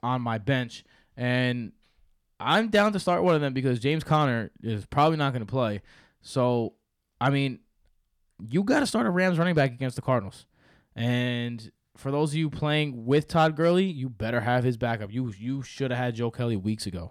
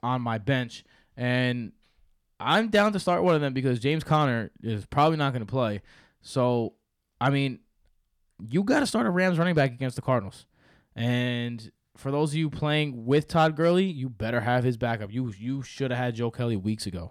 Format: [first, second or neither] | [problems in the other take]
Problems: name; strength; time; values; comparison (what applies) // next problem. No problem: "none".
neither | none